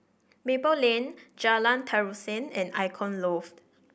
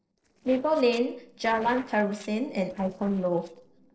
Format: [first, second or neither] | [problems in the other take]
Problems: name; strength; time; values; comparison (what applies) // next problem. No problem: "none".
first | noise reduction (neural separator model SepFormer DNS4)